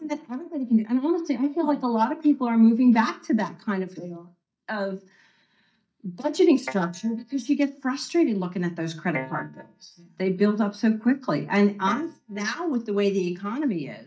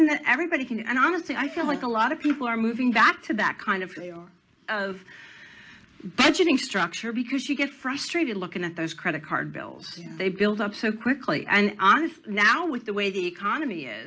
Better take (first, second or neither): second